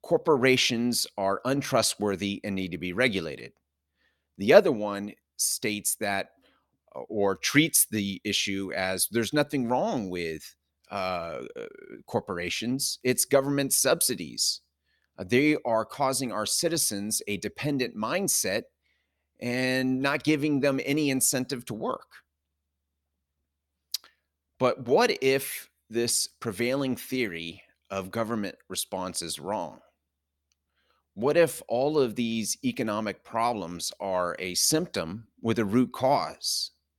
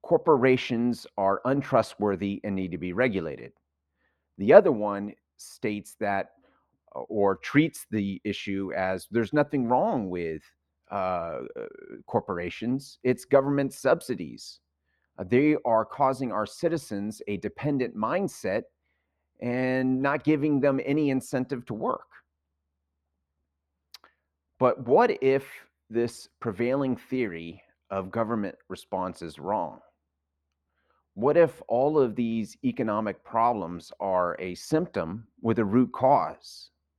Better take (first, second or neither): first